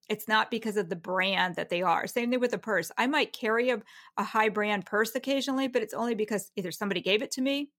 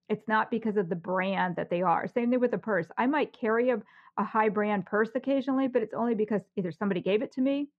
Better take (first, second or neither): first